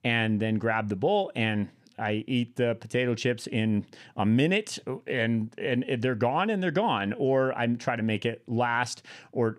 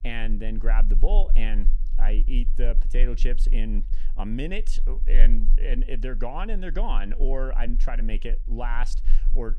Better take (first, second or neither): first